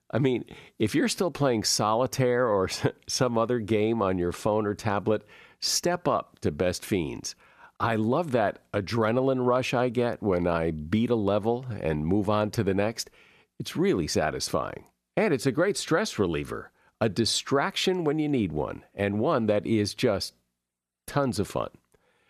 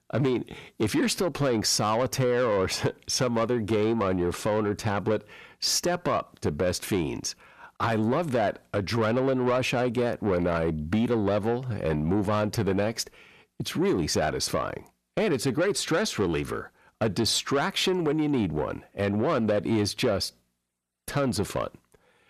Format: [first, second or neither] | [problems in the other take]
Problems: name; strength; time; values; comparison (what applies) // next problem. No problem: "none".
first | distortion; slight; 10 dB below the speech